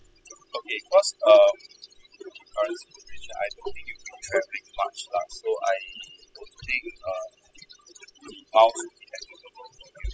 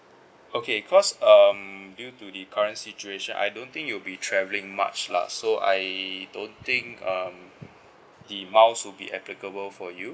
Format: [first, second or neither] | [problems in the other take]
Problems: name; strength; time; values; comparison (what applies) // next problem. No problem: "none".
second | noise reduction (classical method spectral subtraction)